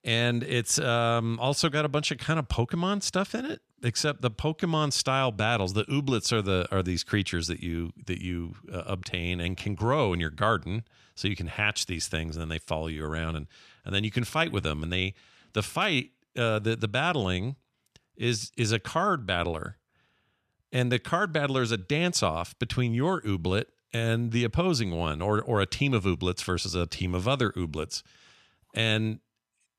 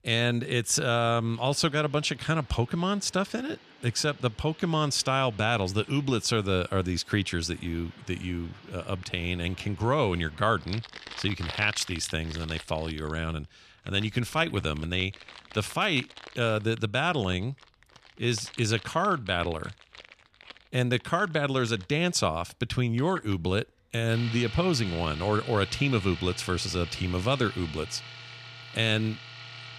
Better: first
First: none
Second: household noises; noticeable; throughout; 15 dB below the speech

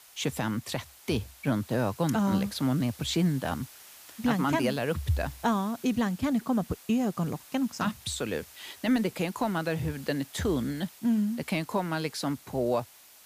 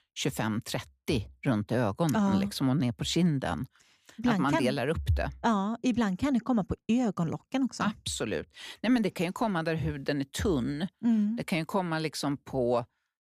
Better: second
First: hiss; noticeable; throughout; 20 dB below the speech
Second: none

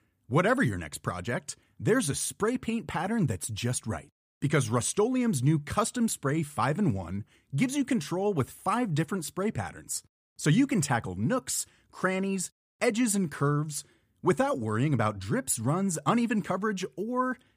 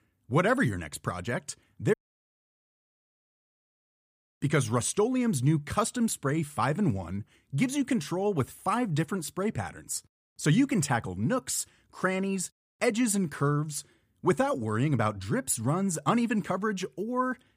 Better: first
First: none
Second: audio cutting out; at 2 s for 2.5 s

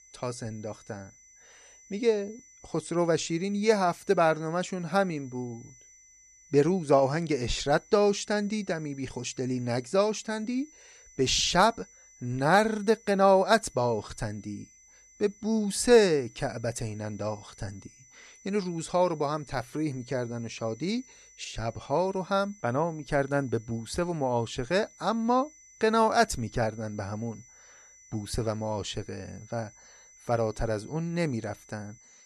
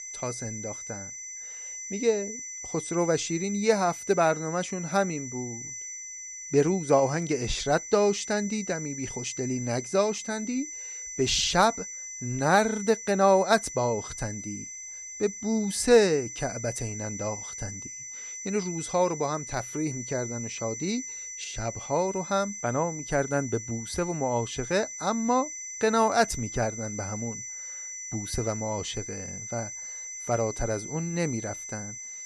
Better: first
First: high-pitched whine; faint; throughout; 6 kHz, 25 dB below the speech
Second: high-pitched whine; loud; throughout; 6 kHz, 9 dB below the speech

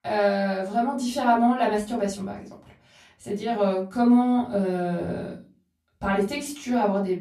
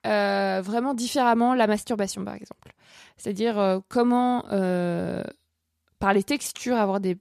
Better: second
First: off-mic speech; far // room echo; slight; dies away in 0.3 s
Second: none

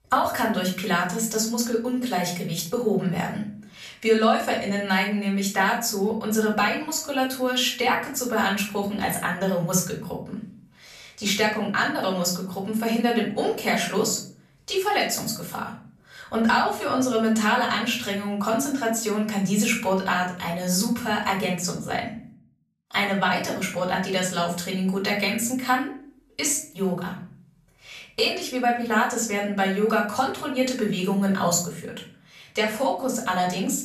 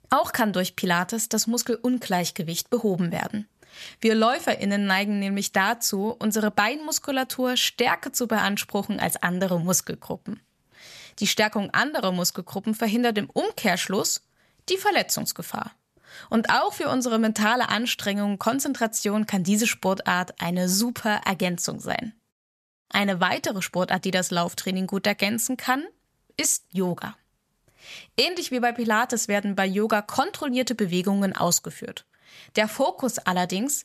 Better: second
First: off-mic speech; far // room echo; slight; dies away in 0.5 s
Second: none

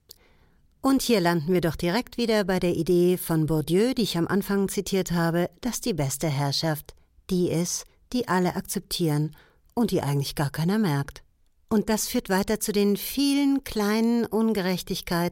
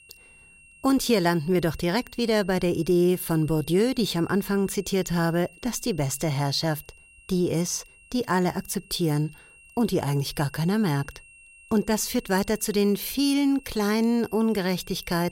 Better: first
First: none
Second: high-pitched whine; faint; throughout; 2.5 kHz, 25 dB below the speech

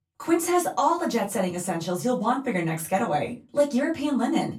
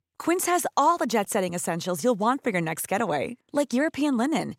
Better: second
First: off-mic speech; far // room echo; very slight; dies away in 0.2 s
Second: none

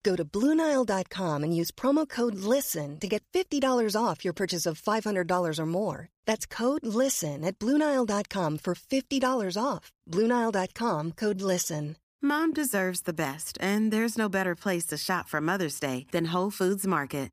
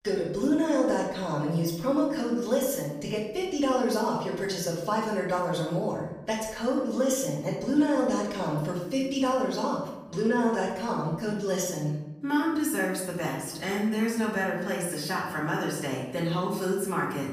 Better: first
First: none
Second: off-mic speech; far // room echo; noticeable; dies away in 0.8 s

